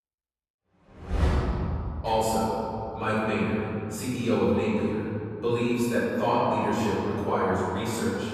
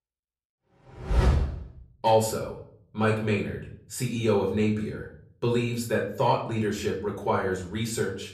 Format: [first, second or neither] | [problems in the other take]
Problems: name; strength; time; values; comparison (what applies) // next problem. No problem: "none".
second | room echo; strong; dies away in 2.7 s; slight in the second // off-mic speech; far; far in the second